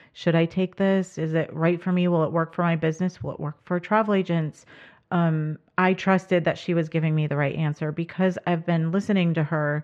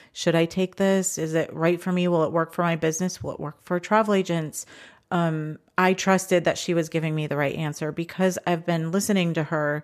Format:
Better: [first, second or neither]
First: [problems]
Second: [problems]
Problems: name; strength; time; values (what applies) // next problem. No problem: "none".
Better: second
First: muffled; slightly; fading above 2.5 kHz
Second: none